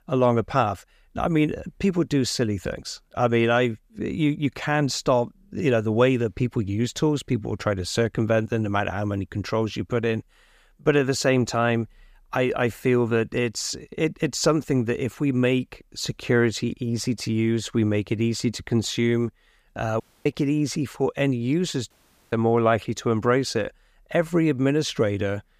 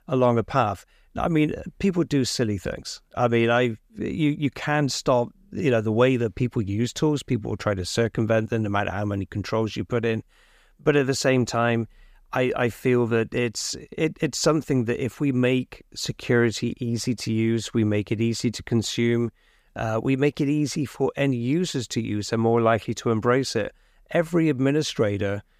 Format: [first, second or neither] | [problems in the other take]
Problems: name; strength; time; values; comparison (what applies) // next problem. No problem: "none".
second | audio cutting out; at 20 s and at 22 s